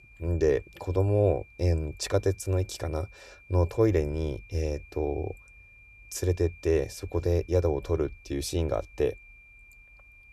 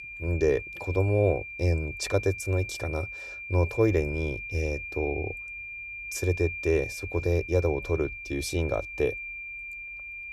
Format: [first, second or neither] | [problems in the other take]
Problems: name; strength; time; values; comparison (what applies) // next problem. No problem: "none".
first | high-pitched whine; loud; throughout; 2.5 kHz, 8 dB below the speech; faint in the first